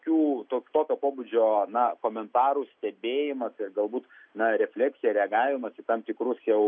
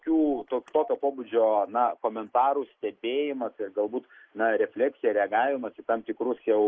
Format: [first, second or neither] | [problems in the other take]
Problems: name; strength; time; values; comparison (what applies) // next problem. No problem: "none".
first | noise reduction (neural mask model Resemble Enhance denoiser)